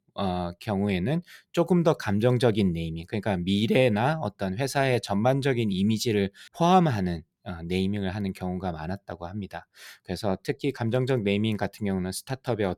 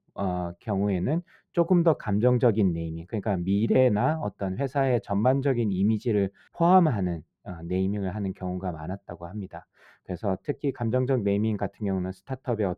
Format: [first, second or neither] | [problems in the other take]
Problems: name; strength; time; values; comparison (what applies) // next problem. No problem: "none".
first | muffled; very; fading above 2.5 kHz